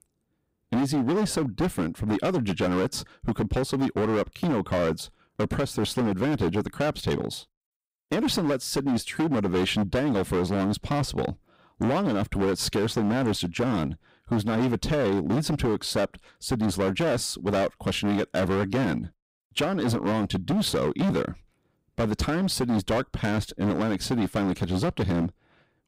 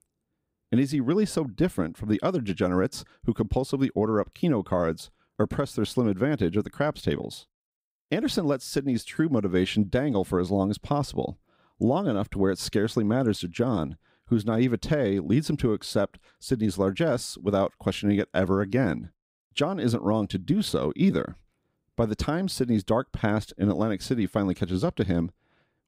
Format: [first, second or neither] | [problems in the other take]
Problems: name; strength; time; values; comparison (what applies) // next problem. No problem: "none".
second | distortion; heavy; 19% of the sound clipped